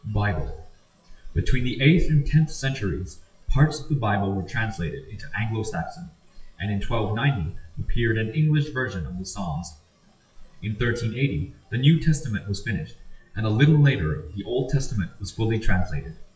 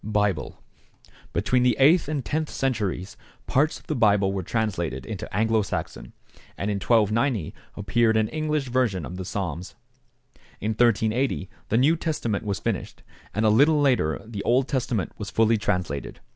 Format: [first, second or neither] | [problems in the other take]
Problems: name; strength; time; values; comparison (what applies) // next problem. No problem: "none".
second | noise reduction (classical method WPE with log-MMSE)